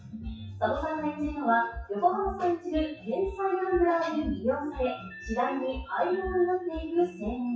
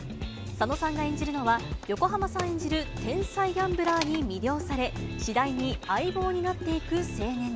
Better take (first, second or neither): second